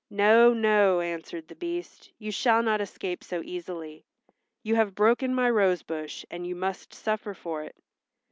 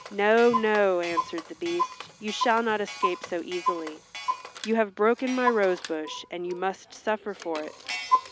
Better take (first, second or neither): first